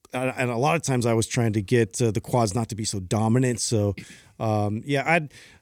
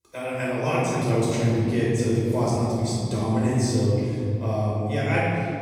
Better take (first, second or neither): first